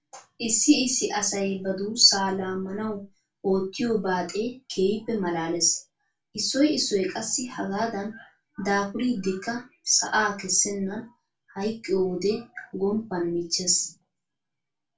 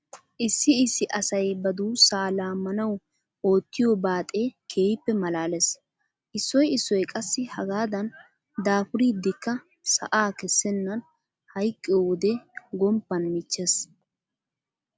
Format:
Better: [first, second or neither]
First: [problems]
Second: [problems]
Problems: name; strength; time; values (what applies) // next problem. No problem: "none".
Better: second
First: room echo; dies away in 0.2 s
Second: none